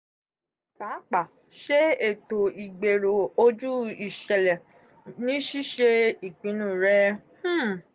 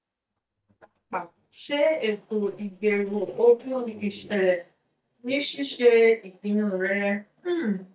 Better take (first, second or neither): first